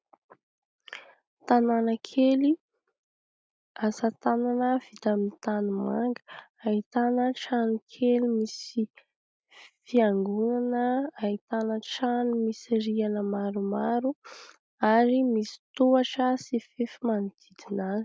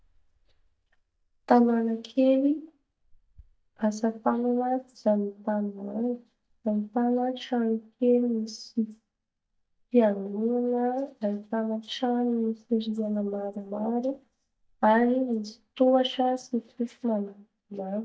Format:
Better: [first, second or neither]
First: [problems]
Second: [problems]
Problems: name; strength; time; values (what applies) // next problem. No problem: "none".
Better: first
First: none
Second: noise reduction (neural mask model DeepFilterNet 3)